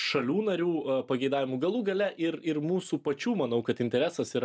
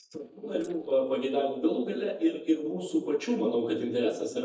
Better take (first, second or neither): first